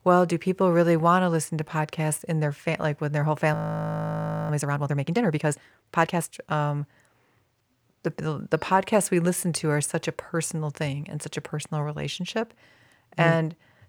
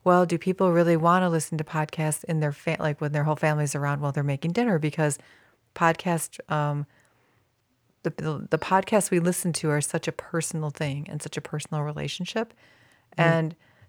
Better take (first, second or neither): second